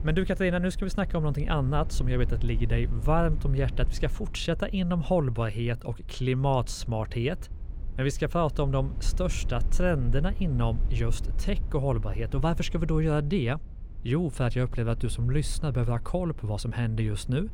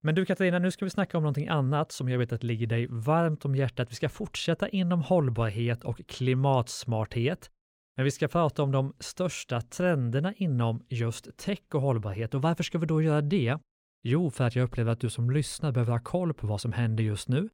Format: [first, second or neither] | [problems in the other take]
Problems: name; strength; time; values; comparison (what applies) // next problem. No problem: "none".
second | low rumble; faint; throughout; 20 dB below the speech